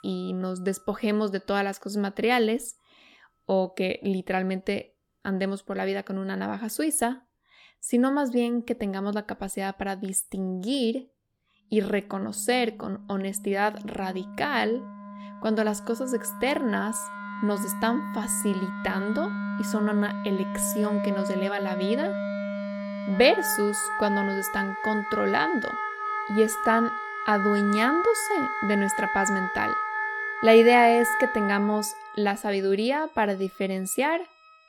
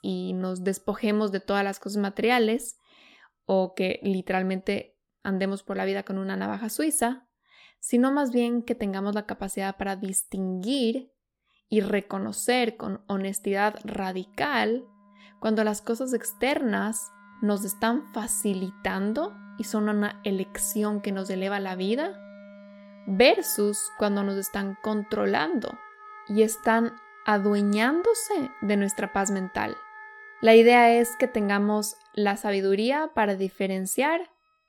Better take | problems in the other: second | background music; loud; throughout; 4 dB below the speech; faint in the second

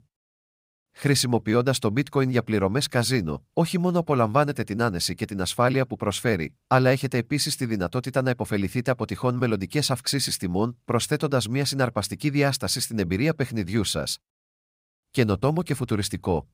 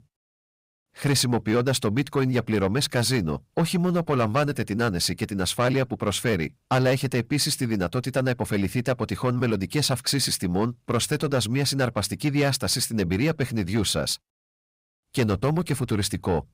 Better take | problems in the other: first | distortion; slight; 10 dB below the speech

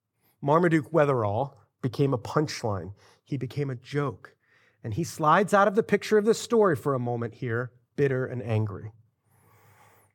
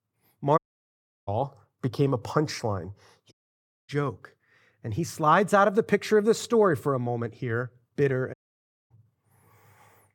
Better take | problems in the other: first | audio cutting out; at 0.5 s for 0.5 s, at 3.5 s for 0.5 s and at 8.5 s for 0.5 s

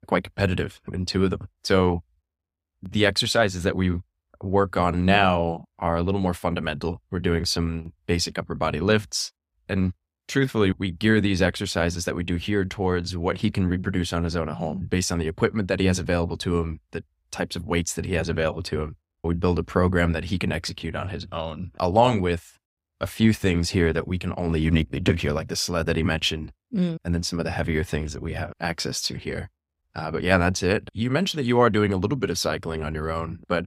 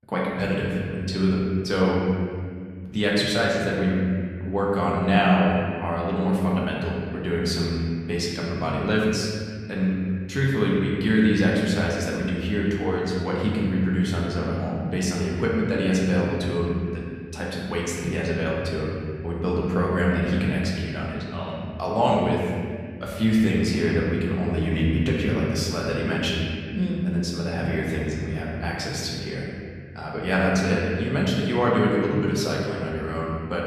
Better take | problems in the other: first | room echo; noticeable; dies away in 2.1 s // off-mic speech; far

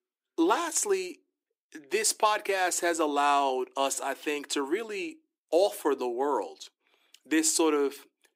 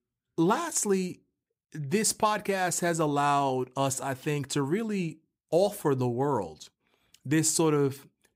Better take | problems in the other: second | thin; somewhat; fading below 300 Hz

